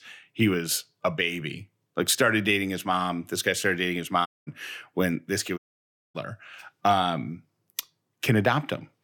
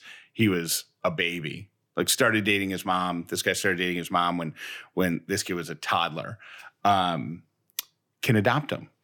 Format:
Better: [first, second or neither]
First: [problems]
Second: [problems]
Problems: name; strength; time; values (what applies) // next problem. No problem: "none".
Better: second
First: audio cutting out; at 4.5 s and at 5.5 s for 0.5 s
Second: none